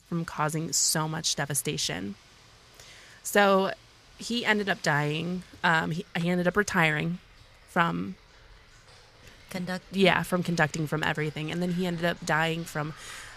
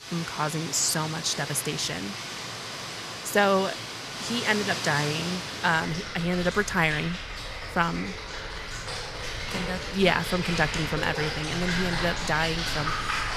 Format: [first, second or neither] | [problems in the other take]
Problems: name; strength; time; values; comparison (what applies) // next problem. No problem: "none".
first | rain or running water; loud; throughout; 5 dB below the speech; faint in the first